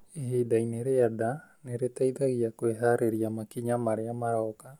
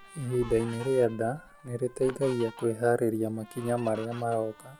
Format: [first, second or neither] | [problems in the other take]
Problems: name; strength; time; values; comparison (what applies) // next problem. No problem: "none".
first | background sound (Trumpet + Fowl); 18 dB below the speech